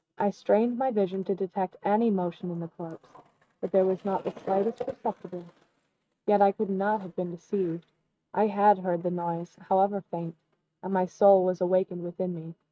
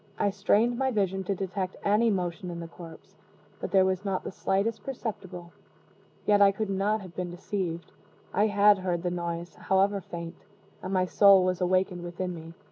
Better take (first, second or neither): second